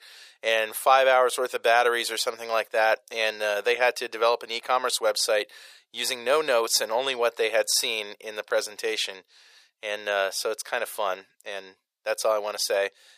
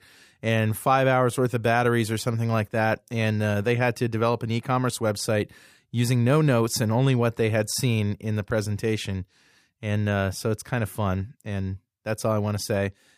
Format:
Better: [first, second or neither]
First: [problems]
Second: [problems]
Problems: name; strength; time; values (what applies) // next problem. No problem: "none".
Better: second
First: thin; very; fading below 500 Hz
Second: none